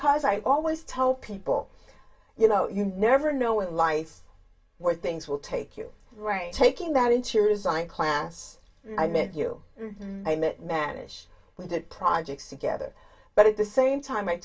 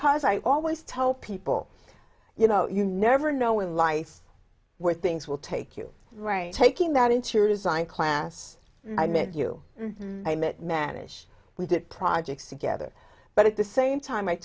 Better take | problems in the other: second | room echo; dies away in 0.1 s

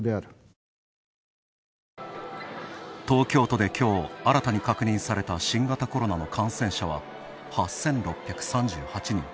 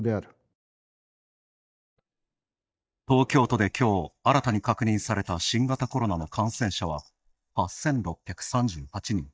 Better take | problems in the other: first | noise reduction (neural mask model DeepFilterNet 3)

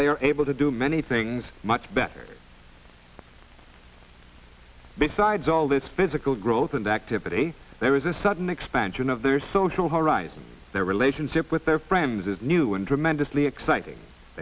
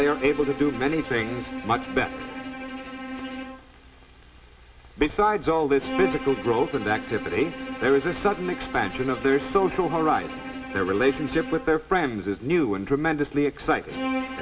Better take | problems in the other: first | background sound (Bowed string instrument); 10 dB below the speech // room echo; dies away in 0.3 s

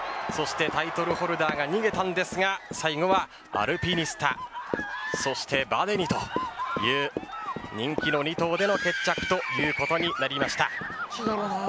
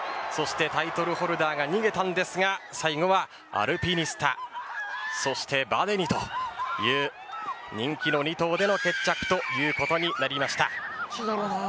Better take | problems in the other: second | background sound (Run); 11 dB below the speech

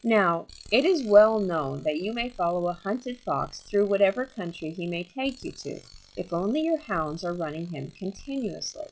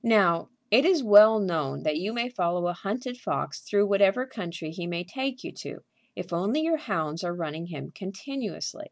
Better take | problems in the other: second | noise reduction (classical method log-MMSE)

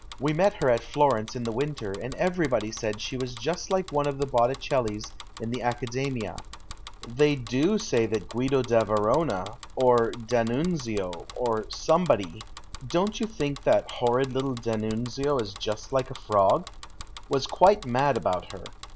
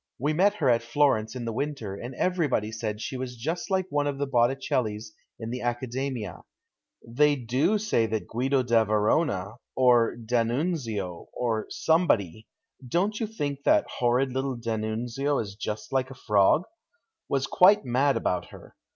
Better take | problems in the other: second | background sound (Bicycle); 15 dB below the speech

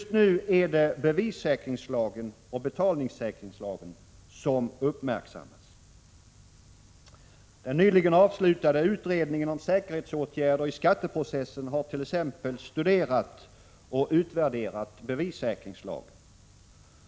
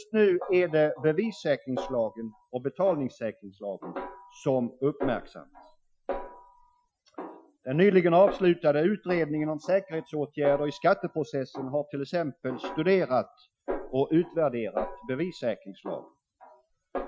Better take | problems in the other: first | noise reduction (classical method Wiener filter)

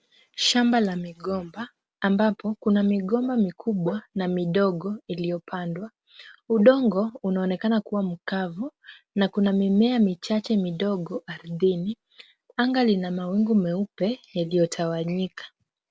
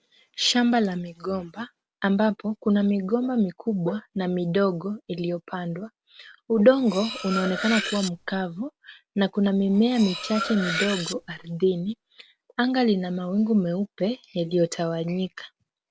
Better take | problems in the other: first | background sound (Cutlery, silverware); 7 dB below the speech

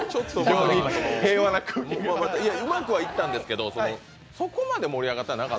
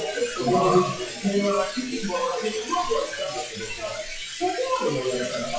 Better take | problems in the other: first | noise reduction (classical method WPE with log-MMSE)

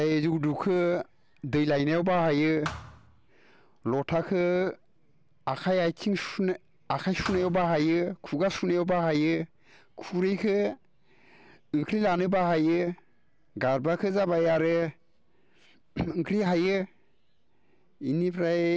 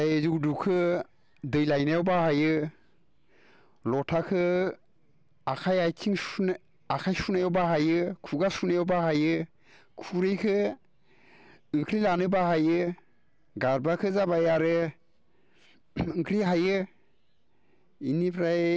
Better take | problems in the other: second | background sound (Thump, thud); 15 dB below the speech

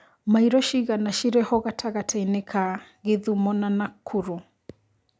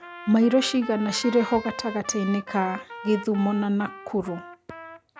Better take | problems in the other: first | background sound (Trumpet + Wind instrument, woodwind instrument); 14 dB below the speech

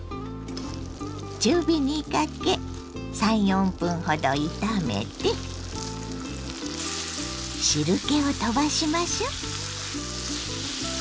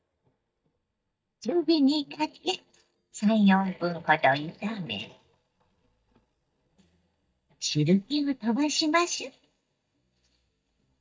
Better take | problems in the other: first | noise reduction (neural mask model DeepFilterNet 3)

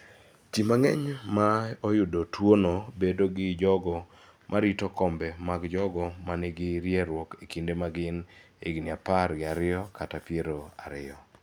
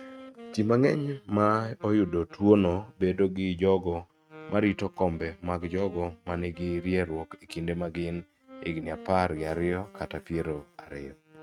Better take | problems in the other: first | noise reduction (neural mask model RNNoise)

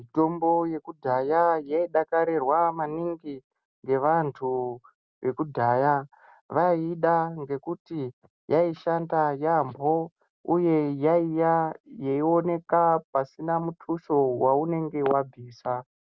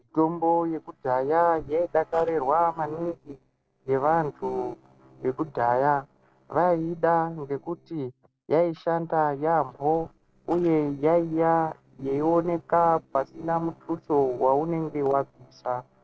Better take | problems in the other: first | noise reduction (neural separator model SepFormer DNS4)

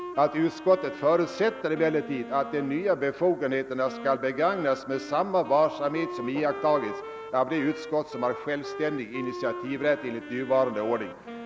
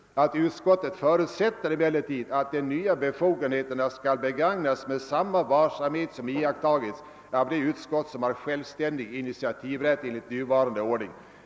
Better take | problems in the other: second | background sound (Wind instrument, woodwind instrument); 13 dB below the speech

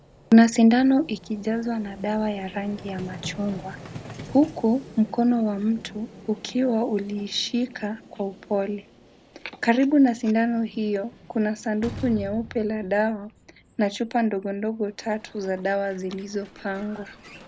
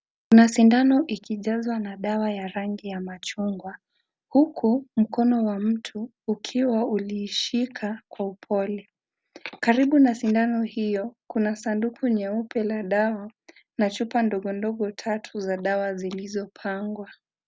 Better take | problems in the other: second | background sound (Vehicle + Slam); 19 dB below the speech

